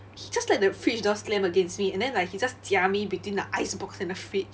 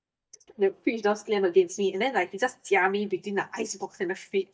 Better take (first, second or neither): first